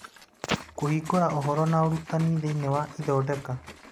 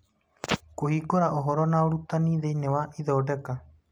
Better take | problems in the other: second | background sound (Liquid); 17 dB below the speech

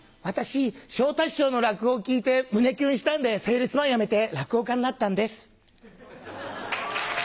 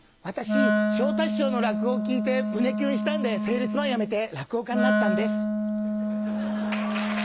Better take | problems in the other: first | background sound (Wind instrument, woodwind instrument); 3 dB above the speech

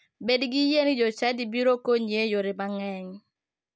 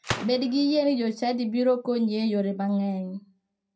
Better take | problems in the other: first | background sound (Gunshot, gunfire); 15 dB below the speech // room echo; dies away in 0.2 s

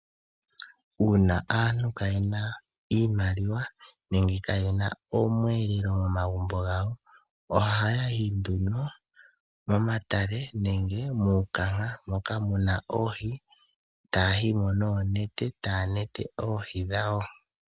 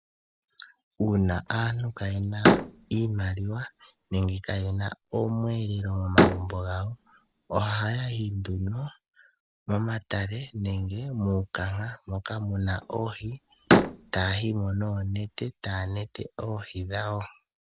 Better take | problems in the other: first | background sound (Slam); 1 dB above the speech

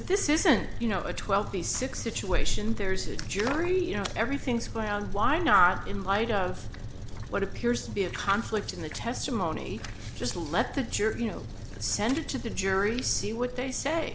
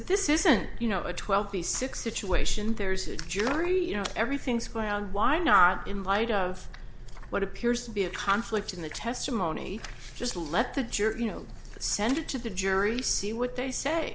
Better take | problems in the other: second | background sound (Truck); 14 dB below the speech

